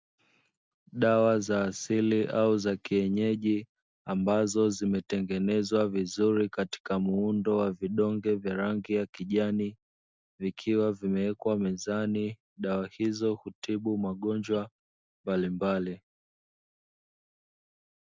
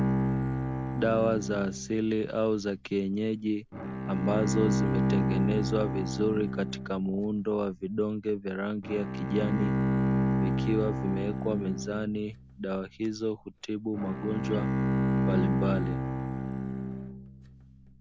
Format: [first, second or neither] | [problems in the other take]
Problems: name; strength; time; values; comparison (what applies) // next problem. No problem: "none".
first | background sound (Bowed string instrument); 1 dB above the speech